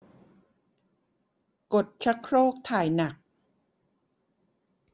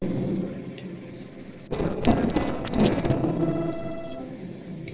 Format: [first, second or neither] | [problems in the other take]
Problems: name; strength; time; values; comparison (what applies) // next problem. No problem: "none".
first | noise reduction (neural separator model SepFormer DNS4)